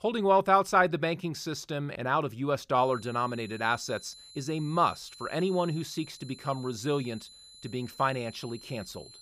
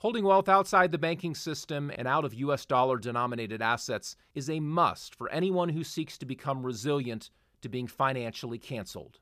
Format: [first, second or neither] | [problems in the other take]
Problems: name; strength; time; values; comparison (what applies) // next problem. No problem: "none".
second | high-pitched whine; noticeable; from 3 s on; 4 kHz, 20 dB below the speech